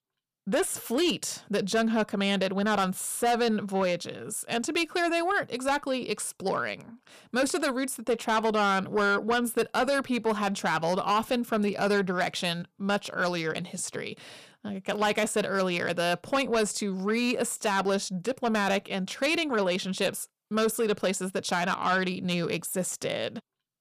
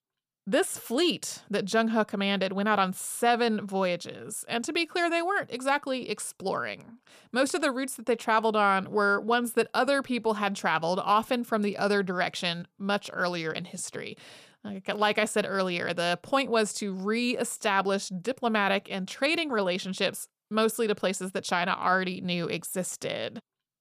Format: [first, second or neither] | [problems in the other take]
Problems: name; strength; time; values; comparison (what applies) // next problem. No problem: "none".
second | distortion; slight; 10 dB below the speech